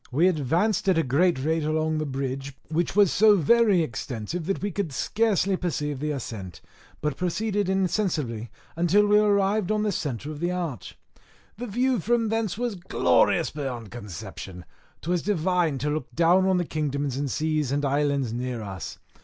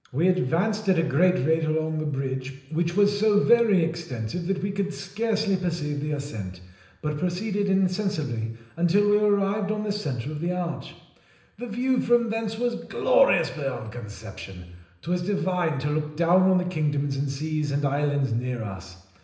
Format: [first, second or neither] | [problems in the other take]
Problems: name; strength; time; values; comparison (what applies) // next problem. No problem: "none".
first | room echo; dies away in 0.9 s